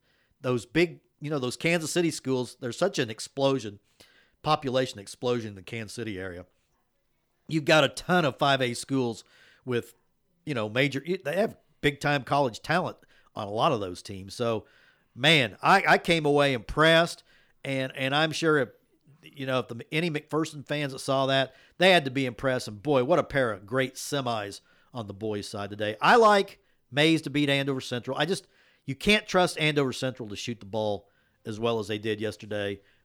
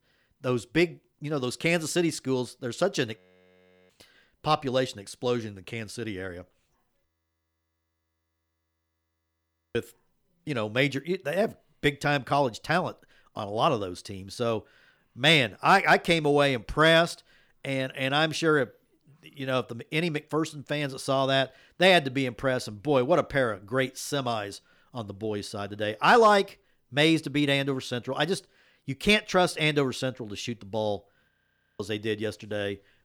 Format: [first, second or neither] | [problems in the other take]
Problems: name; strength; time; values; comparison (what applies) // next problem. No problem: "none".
first | audio freezing; at 3 s for 0.5 s, at 7 s for 2.5 s and at 31 s for 0.5 s